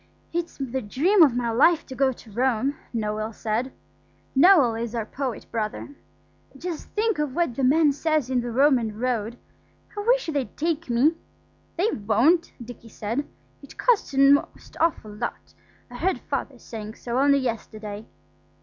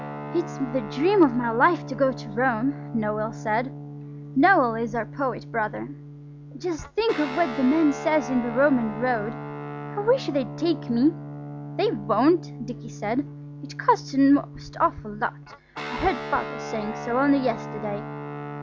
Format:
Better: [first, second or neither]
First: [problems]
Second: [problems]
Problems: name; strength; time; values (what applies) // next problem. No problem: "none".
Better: first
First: none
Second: background sound (Guitar); 11 dB below the speech